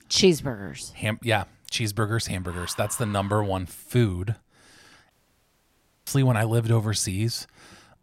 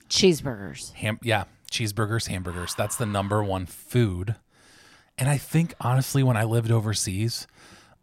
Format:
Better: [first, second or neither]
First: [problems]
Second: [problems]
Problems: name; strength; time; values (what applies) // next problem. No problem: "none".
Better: second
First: audio cutting out; at 5 s for 1 s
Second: none